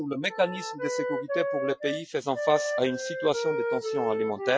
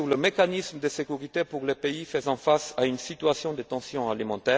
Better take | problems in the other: second | noise reduction (classical method Wiener filter)

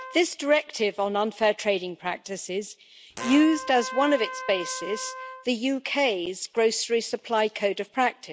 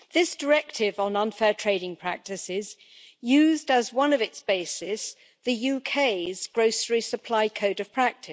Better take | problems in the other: second | background sound (Trumpet + Fart); 15 dB below the speech

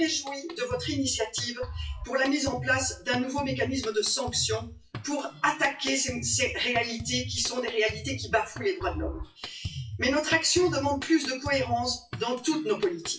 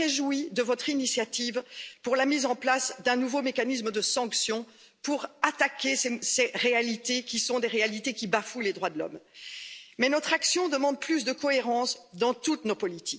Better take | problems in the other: second | noise reduction (classical method WPE with log-MMSE)

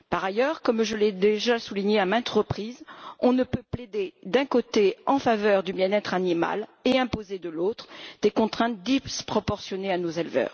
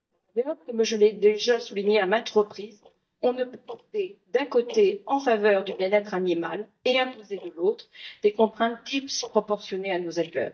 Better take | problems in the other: first | noise reduction (neural mask model DeepFilterNet 3)

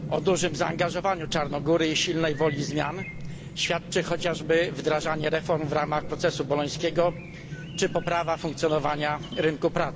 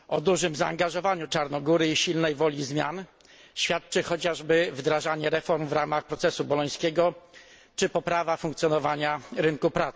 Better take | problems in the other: second | background sound (Chirp, tweet); 9 dB below the speech

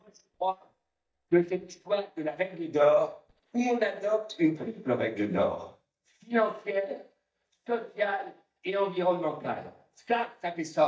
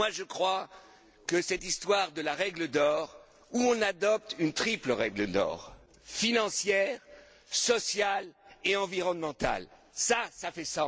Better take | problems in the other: second | noise reduction (neural mask model DeepFilterNet 3)

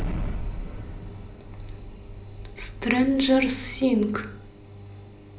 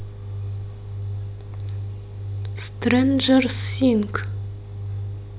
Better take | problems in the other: second | background sound (Explosion); 8 dB below the speech // room echo; dies away in 0.5 s

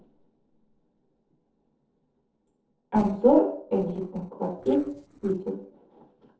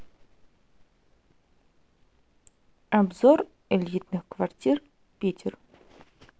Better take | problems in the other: second | noise reduction (neural separator model SepFormer DNS4)

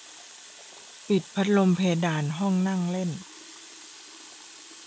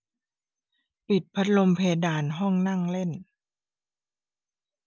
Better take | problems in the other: second | background sound (Water tap, faucet); 18 dB below the speech

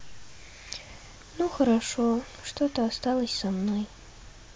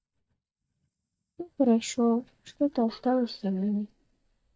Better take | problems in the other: first | noise reduction (neural mask model DeepFilterNet 3)

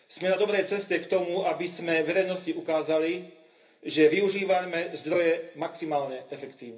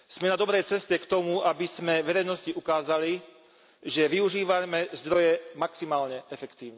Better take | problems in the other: second | room echo; dies away in 0.3 s

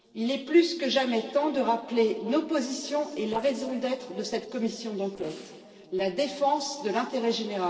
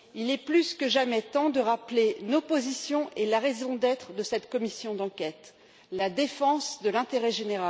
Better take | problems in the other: second | noise reduction (neural separator model SepFormer DNS4)

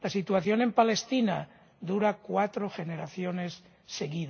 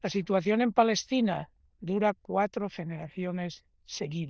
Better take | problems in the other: first | noise reduction (neural diffusion model UNIVERSE++)

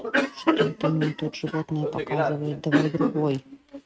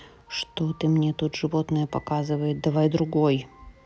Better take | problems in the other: second | noise reduction (neural mask model RNNoise)

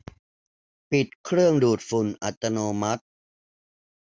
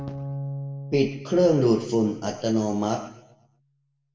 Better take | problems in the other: first | background sound (Bowed string instrument); 13 dB below the speech // room echo; dies away in 0.7 s

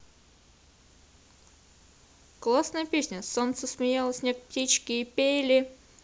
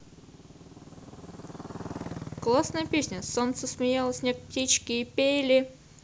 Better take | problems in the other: first | background sound (Motorcycle); 14 dB below the speech

